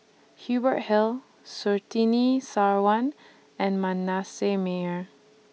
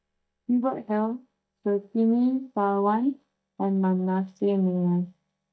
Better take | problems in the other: first | noise reduction (neural mask model DeepFilterNet 3)

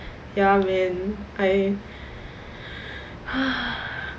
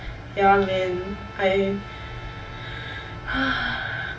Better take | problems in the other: first | background sound (Trumpet); 19 dB below the speech // room echo; dies away in 0.1 s

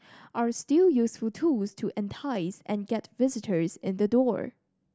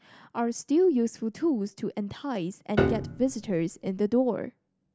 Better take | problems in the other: first | background sound (Piano); 2 dB below the speech

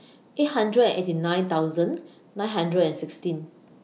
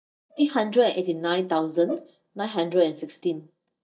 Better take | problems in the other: first | noise reduction (neural mask model DeepFilterNet 3)

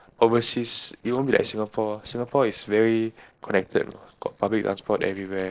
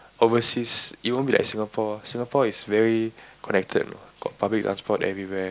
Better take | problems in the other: second | noise reduction (neural separator model SepFormer DNS4)

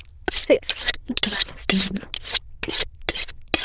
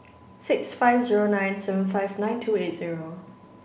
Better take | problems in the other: second | noise reduction (neural diffusion model UNIVERSE++)

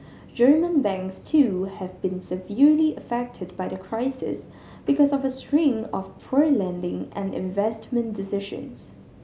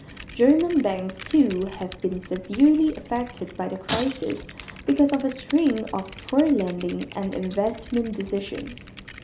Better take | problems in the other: first | background sound (Shatter + Typing); 17 dB below the speech

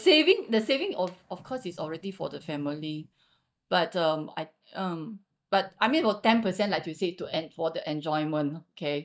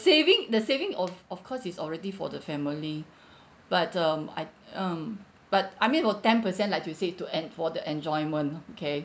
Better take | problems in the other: second | noise reduction (neural mask model DeepFilterNet 3)

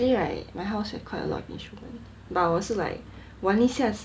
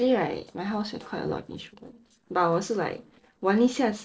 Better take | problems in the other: first | noise reduction (neural separator model SepFormer DNS4)

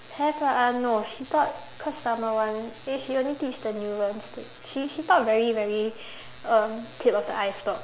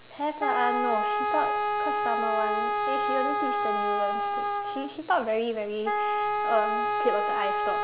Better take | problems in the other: first | background sound (Wind instrument, woodwind instrument); 3 dB above the speech

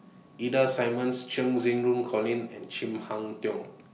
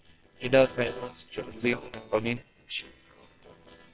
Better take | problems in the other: first | noise reduction (neural separator model SepFormer WHAMR!)

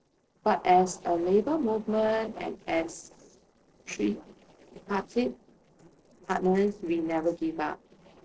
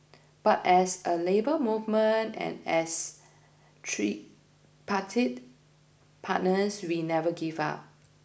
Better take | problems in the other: second | noise reduction (neural separator model SepFormer DNS4)

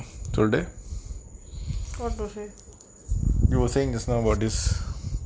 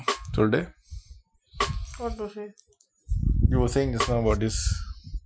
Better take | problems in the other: first | noise reduction (classical method Wiener filter)

